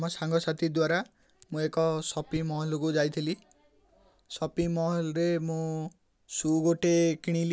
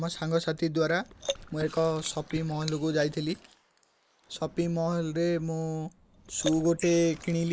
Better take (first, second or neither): first